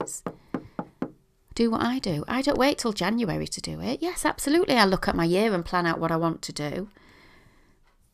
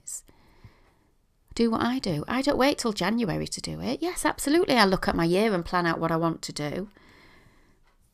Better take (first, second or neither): second